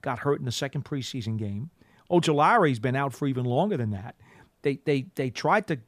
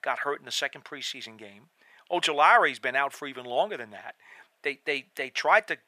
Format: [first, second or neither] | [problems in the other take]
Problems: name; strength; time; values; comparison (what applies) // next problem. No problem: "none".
first | thin; very; fading below 650 Hz